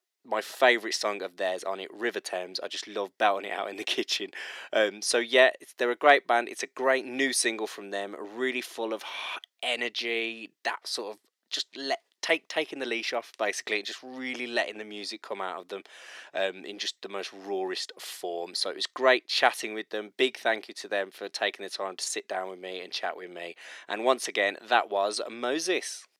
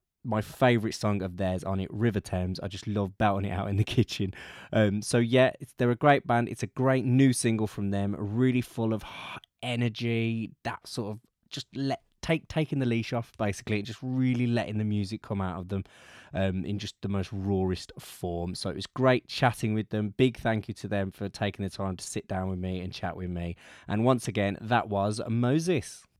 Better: second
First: thin; very; fading below 400 Hz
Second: none

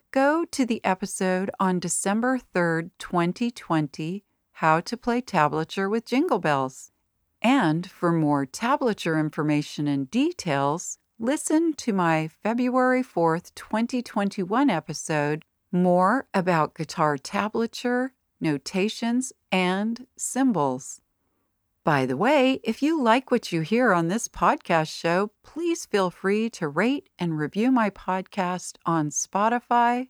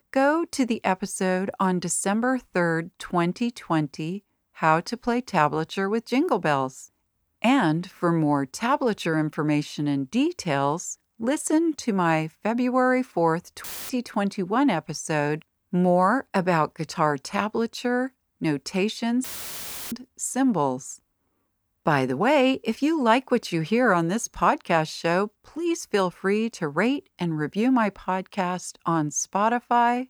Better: first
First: none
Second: audio cutting out; filled with static; at 14 s and at 19 s for 0.5 s

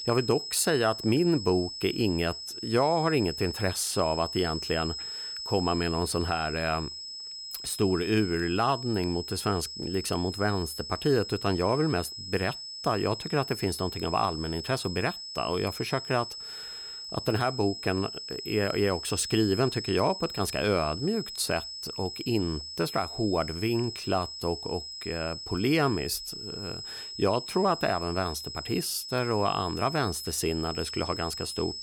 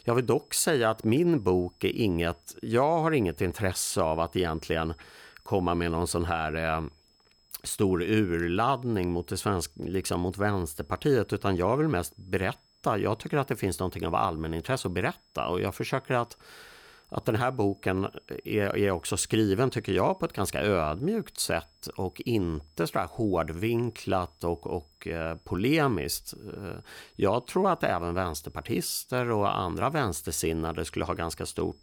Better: second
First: high-pitched whine; loud; throughout; 5 kHz, 8 dB below the speech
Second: high-pitched whine; faint; throughout; 5 kHz, 35 dB below the speech

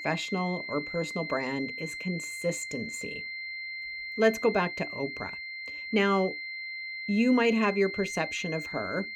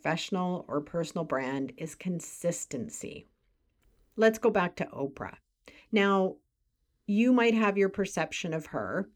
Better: second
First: high-pitched whine; loud; throughout; 2 kHz, 7 dB below the speech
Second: none

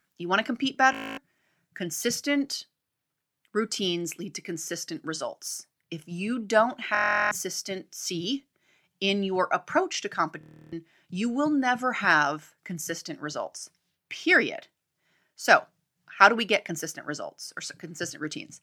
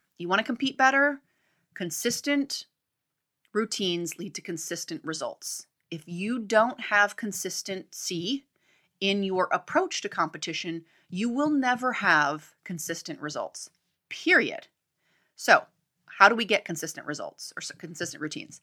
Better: second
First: audio freezing; at 1 s, at 7 s and at 10 s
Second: none

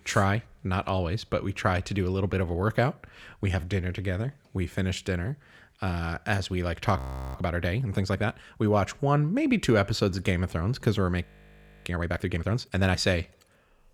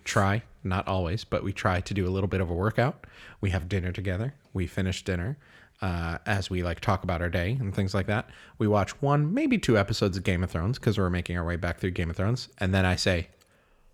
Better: second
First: audio freezing; at 7 s and at 11 s for 0.5 s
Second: none

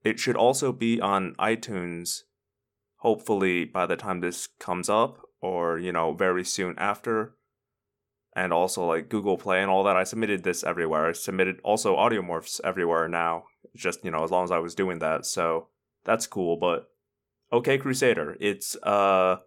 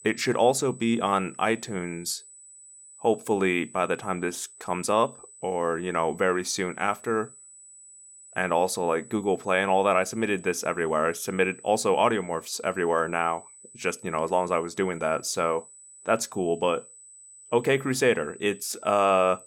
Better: first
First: none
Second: high-pitched whine; faint; throughout; 8 kHz, 20 dB below the speech

